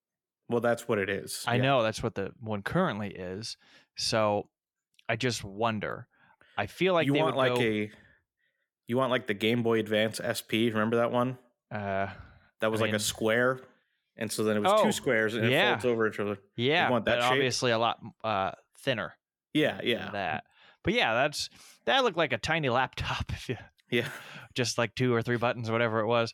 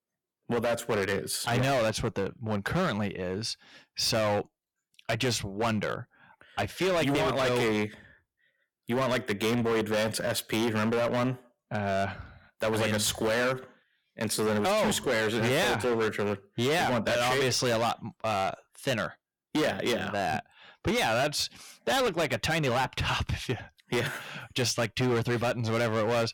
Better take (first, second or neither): first